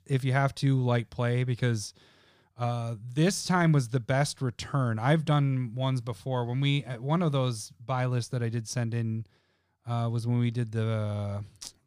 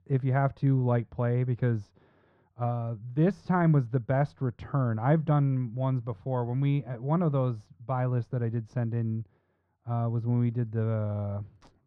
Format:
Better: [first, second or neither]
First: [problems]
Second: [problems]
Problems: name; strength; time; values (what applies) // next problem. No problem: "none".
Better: first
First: none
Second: muffled; very; fading above 3.5 kHz